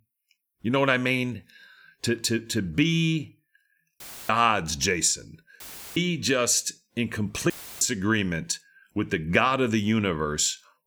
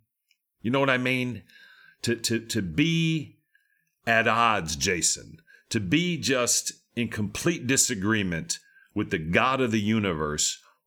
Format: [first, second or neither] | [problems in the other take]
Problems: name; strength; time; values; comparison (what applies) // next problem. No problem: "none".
second | audio cutting out; filled with static; at 4 s, at 5.5 s and at 7.5 s